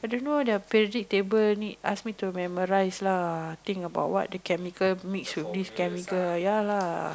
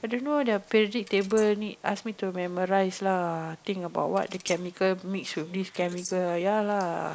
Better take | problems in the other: first | noise reduction (neural mask model Resemble Enhance denoiser)

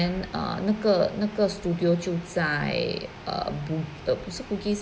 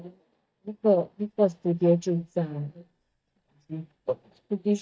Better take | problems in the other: first | noise reduction (neural mask model DeepFilterNet 3)

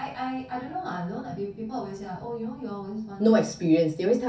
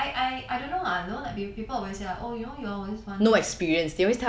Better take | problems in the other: second | room echo; dies away in 0.3 s

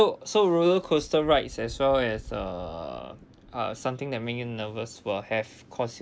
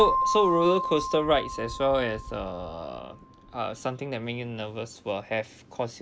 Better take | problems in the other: first | background sound (Keyboard (musical)); 5 dB below the speech

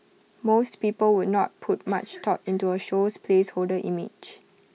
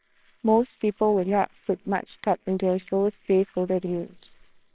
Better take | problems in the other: first | noise reduction (neural separator model SepFormer WHAMR!)

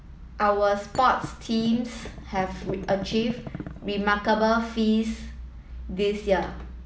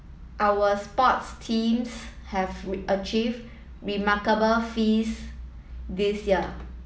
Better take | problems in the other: second | background sound (Thump, thud); 14 dB below the speech

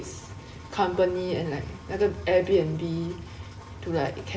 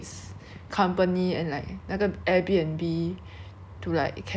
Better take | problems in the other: second | background sound (Engine); 18 dB below the speech // room echo; dies away in 0.8 s

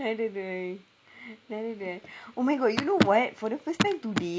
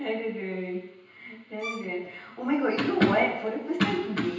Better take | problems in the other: first | background sound (Bowed string instrument); 12 dB below the speech // room echo; dies away in 0.9 s

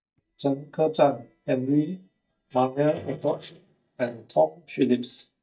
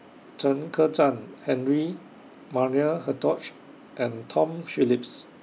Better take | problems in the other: second | noise reduction (neural mask model DeepFilterNet 3)

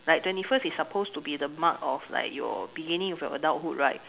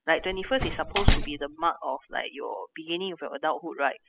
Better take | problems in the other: first | noise reduction (classical method spectral subtraction)

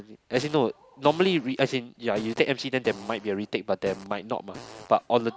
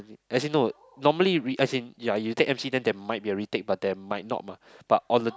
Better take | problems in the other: second | background sound (Fart); 20 dB below the speech

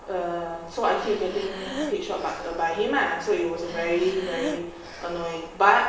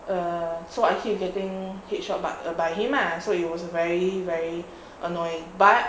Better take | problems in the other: second | background sound (Breathing); 11 dB below the speech // room echo; dies away in 1 s

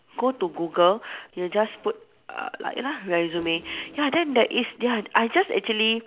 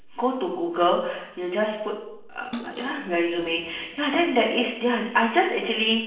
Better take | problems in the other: first | noise reduction (neural separator model SepFormer DNS4)

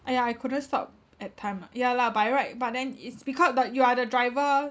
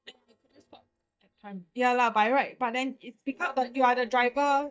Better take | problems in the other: first | noise reduction (neural mask model DeepFilterNet 3)

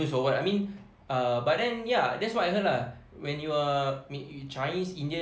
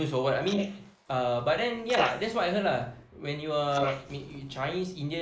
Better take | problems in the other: first | noise reduction (neural mask model Resemble Enhance denoiser)

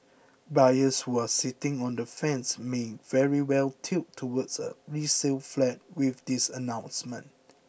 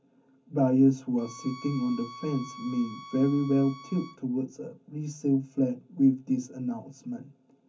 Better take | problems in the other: first | background sound (Bowed string instrument); 17 dB below the speech // room echo; dies away in 0.3 s

